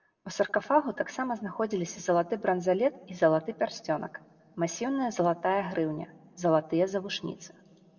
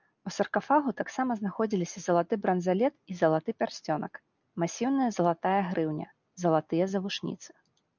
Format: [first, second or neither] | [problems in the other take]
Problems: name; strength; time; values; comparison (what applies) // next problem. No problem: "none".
second | room echo; dies away in 0.4 s